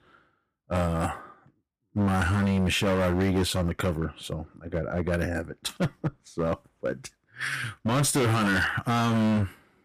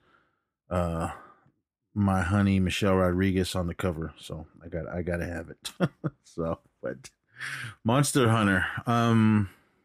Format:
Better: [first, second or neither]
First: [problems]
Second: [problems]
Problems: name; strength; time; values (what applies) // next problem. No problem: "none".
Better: second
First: distortion; heavy; 13% of the sound clipped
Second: none